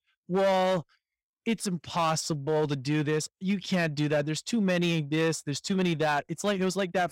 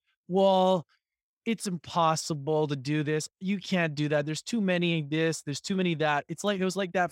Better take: second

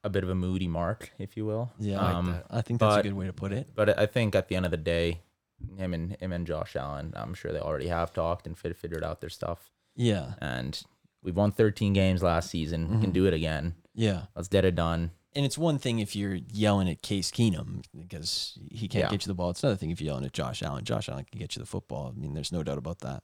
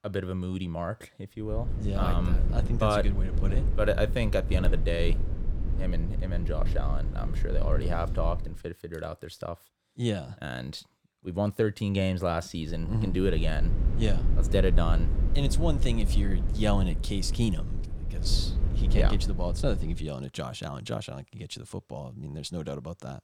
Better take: first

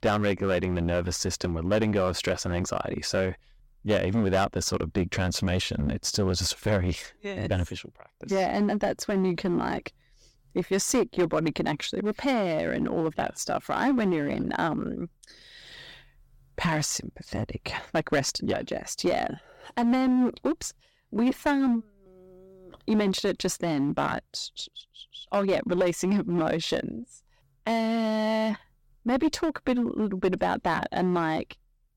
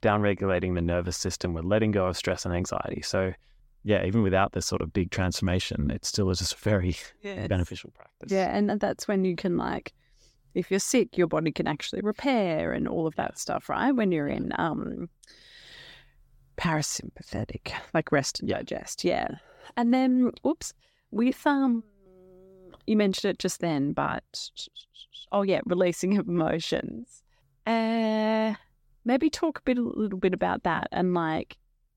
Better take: second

